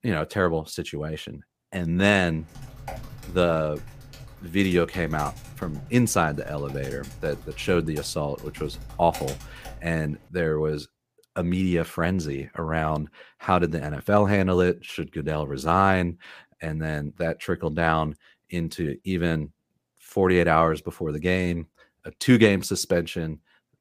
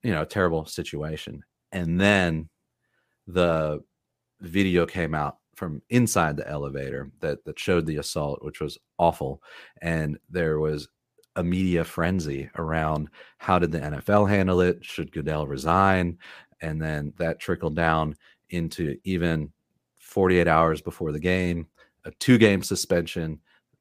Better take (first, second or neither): second